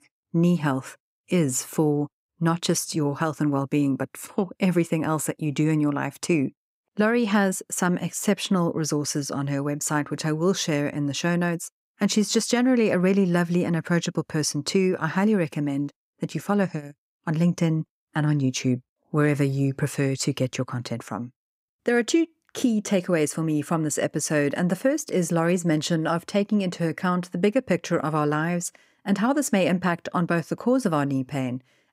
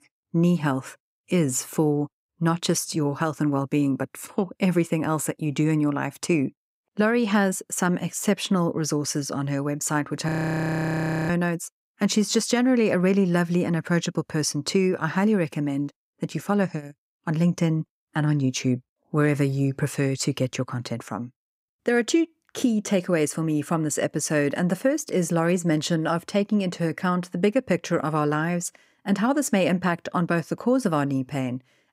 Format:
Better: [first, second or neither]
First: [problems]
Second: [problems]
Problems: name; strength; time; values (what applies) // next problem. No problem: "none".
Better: first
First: none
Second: audio freezing; at 10 s for 1 s